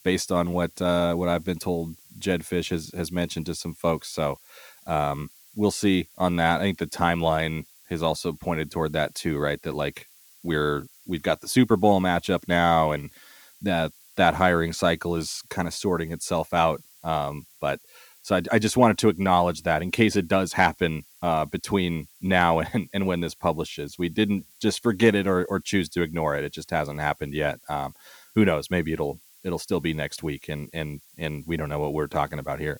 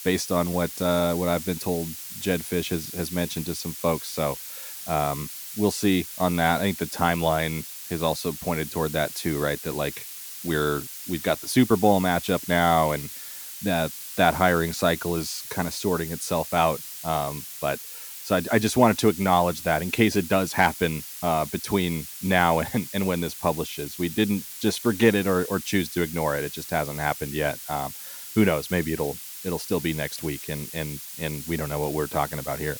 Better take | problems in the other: first | hiss; loud; throughout; 10 dB below the speech; faint in the first

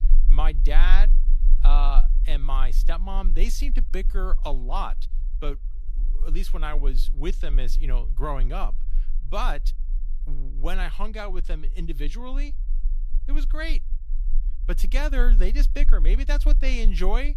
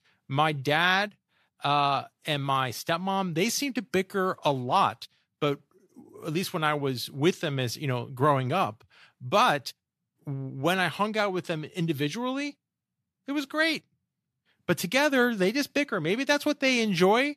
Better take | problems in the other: second | low rumble; faint; throughout; 20 dB below the speech

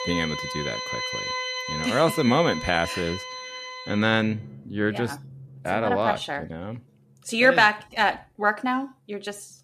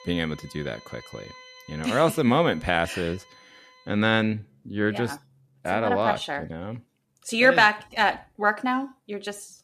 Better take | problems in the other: second | background music; loud; throughout; 7 dB below the speech; faint in the second

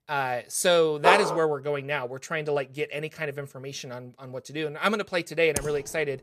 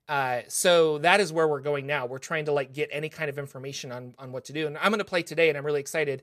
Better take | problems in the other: second | dog barking; loud; at 1 s; peak 4 dB above the speech // keyboard typing; noticeable; at 5.5 s; peak 7 dB below the speech

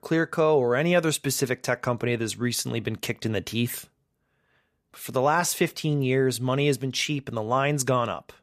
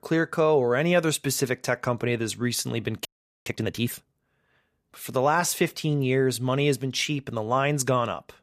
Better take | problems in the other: first | audio freezing; at 3 s

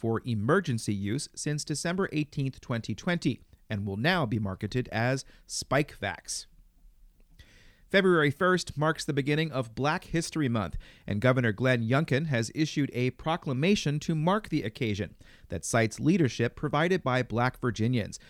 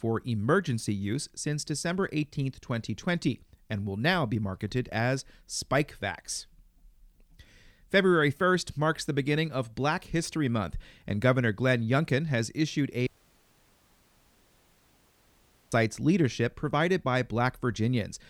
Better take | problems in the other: first | audio cutting out; at 13 s for 2.5 s

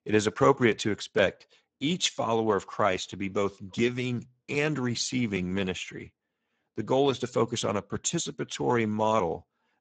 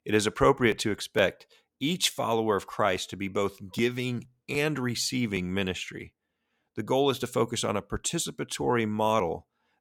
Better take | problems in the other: second | garbled, watery; badly; nothing above 7.5 kHz

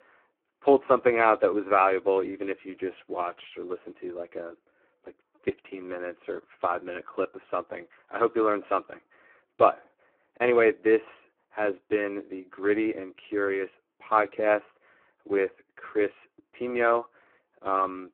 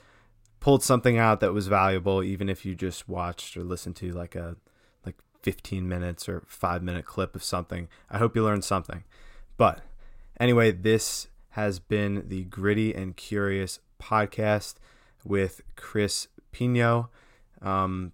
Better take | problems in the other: second | phone-call audio; poor line; nothing above 3.5 kHz

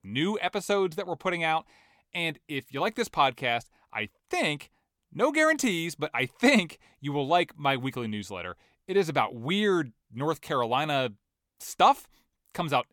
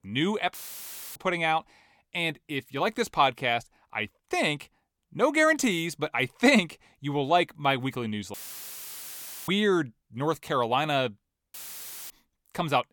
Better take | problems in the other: first | audio cutting out; filled with static; at 0.5 s for 0.5 s, at 8.5 s for 1 s and at 12 s for 0.5 s

